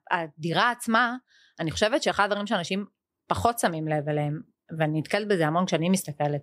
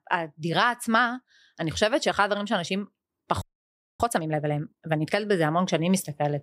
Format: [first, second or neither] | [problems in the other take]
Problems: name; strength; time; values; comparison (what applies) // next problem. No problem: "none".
first | audio freezing; at 3.5 s for 0.5 s